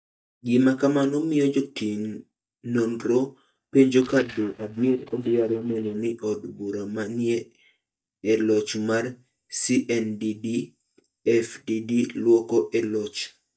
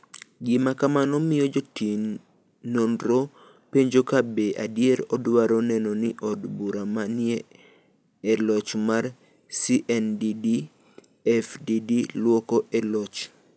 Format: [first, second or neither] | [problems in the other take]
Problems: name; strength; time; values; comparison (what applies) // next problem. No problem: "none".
second | noise reduction (neural mask model DeepFilterNet 3)